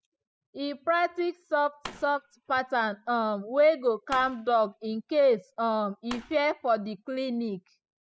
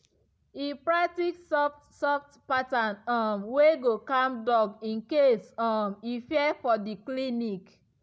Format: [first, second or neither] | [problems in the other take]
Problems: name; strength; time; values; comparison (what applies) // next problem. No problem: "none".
second | noise reduction (classical method spectral subtraction)